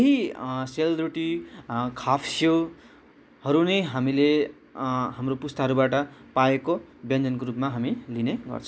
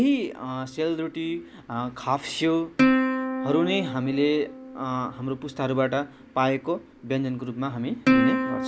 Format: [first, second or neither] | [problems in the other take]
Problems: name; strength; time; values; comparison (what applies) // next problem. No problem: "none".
first | background sound (Plucked string instrument); 2 dB below the speech